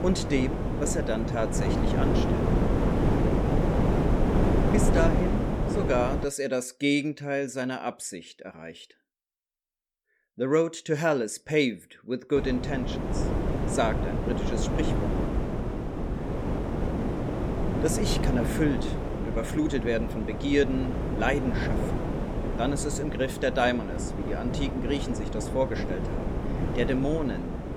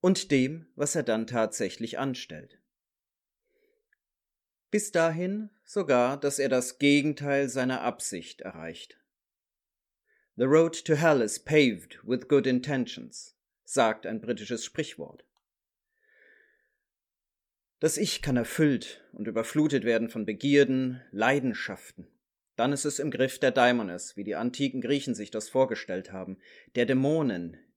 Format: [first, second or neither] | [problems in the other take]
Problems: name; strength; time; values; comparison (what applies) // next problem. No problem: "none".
second | wind noise on the microphone; heavy; until 6.5 s and from 12 s on; 3 dB below the speech